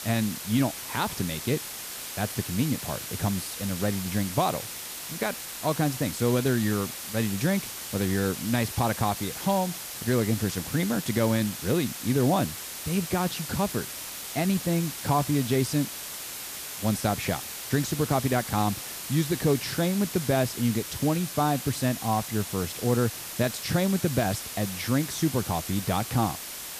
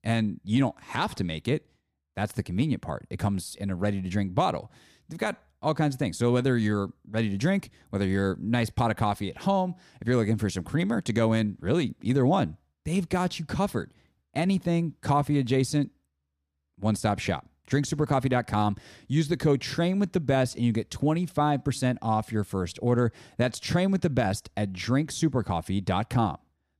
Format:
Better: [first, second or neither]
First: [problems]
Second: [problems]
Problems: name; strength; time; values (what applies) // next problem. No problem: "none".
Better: second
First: hiss; loud; throughout; 7 dB below the speech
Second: none